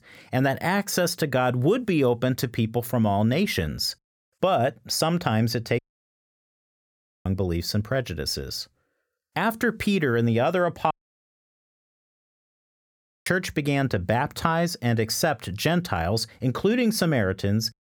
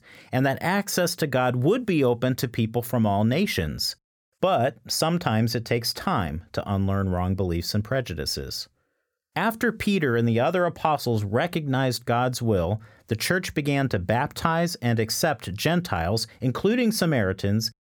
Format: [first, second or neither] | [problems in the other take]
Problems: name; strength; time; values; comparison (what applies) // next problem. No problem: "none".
second | audio cutting out; at 6 s for 1.5 s and at 11 s for 2.5 s